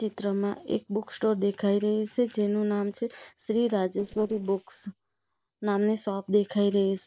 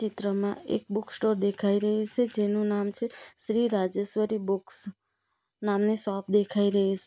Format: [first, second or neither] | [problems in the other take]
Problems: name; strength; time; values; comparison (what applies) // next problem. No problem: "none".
second | noise reduction (neural separator model SepFormer DNS4)